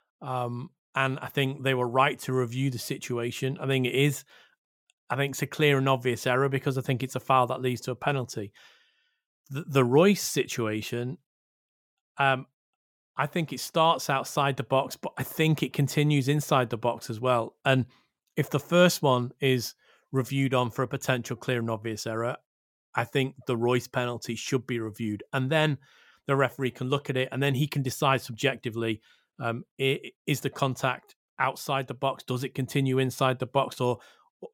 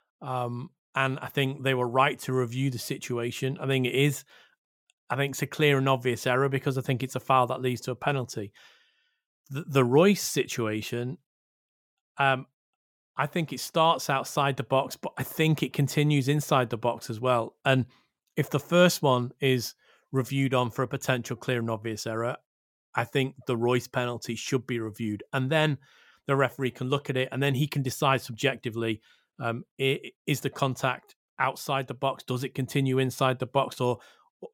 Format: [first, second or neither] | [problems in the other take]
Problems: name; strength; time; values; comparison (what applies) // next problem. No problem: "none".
neither | none